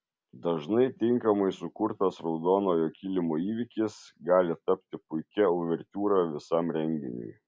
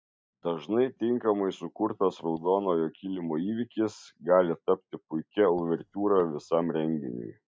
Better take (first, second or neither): first